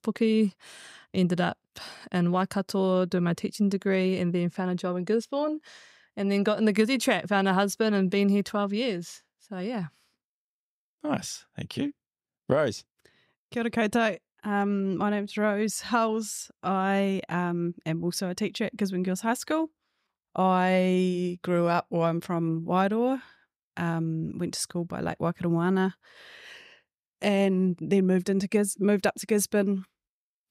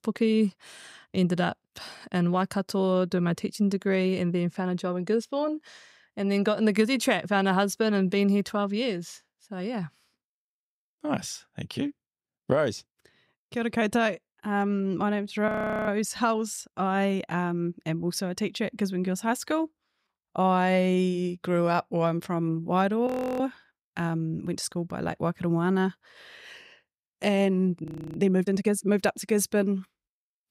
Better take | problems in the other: first | audio freezing; at 15 s, at 23 s and at 28 s

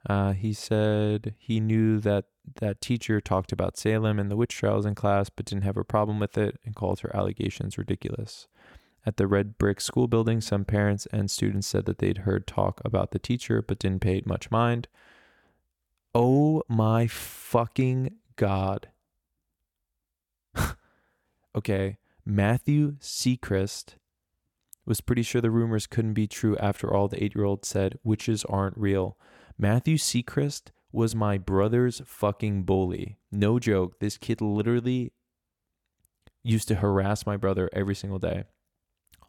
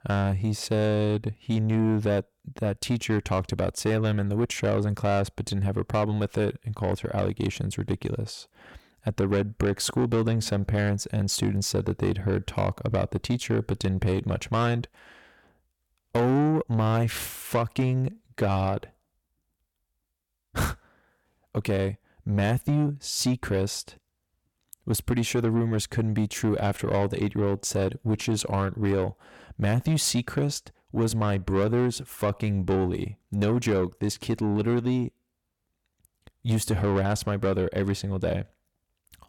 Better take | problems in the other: first | distortion; slight; 10 dB below the speech

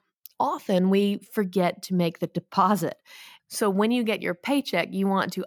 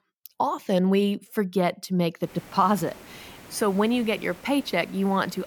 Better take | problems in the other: first | hiss; faint; from 2.5 s on; 20 dB below the speech

